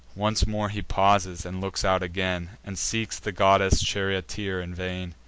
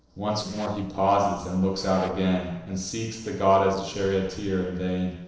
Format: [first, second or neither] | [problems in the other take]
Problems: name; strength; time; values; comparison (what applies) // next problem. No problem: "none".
first | noise reduction (neural separator model SepFormer DNS4)